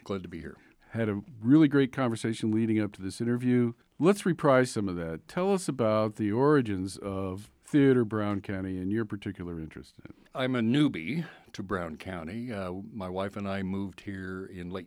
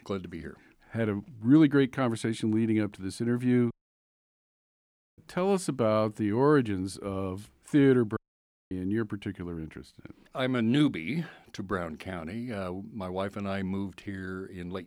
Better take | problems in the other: first | audio cutting out; at 3.5 s for 1.5 s and at 8 s for 0.5 s

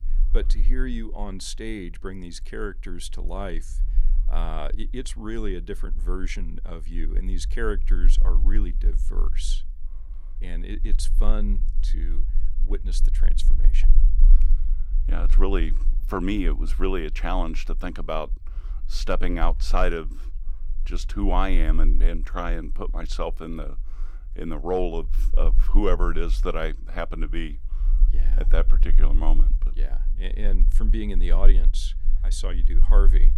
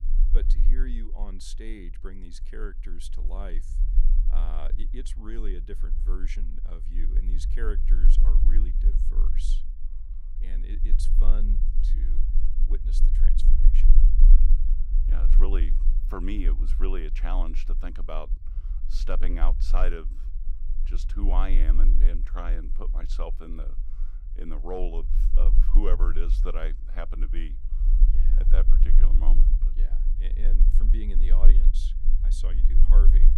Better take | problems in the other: first | low rumble; loud; throughout; 10 dB below the speech; faint in the first

